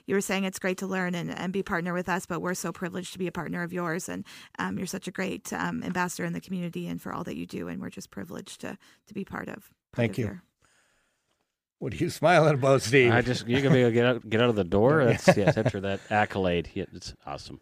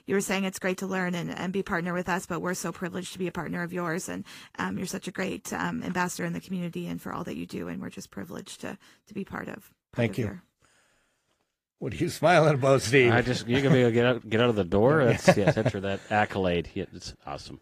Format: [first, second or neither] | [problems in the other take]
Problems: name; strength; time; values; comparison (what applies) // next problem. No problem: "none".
first | garbled, watery; slightly; nothing above 15 kHz